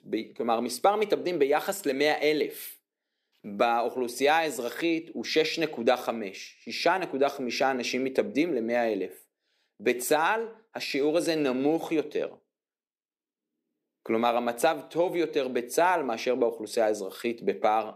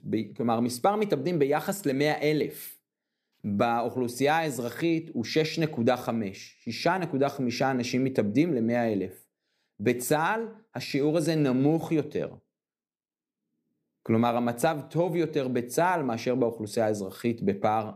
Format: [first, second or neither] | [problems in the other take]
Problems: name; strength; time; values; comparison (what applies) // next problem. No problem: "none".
second | thin; very slightly; fading below 400 Hz